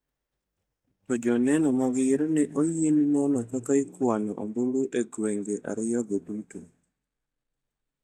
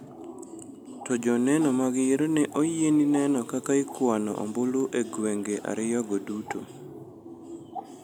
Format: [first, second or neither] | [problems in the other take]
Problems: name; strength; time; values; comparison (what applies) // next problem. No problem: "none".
second | noise reduction (neural mask model DeepFilterNet 3)